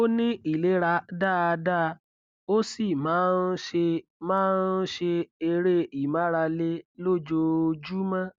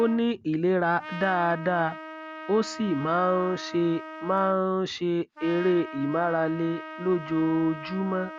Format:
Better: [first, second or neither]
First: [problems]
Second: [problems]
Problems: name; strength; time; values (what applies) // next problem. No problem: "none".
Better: first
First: none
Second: background sound (Trumpet); 14 dB below the speech